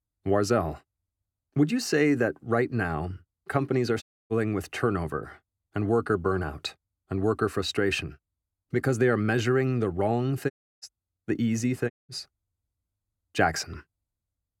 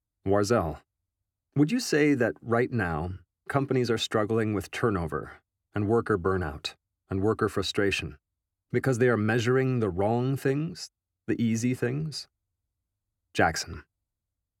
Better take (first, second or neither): second